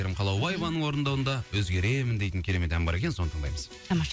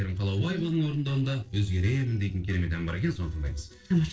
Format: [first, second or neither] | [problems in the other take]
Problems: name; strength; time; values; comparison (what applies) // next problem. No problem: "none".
first | noise reduction (neural separator model SepFormer DNS4)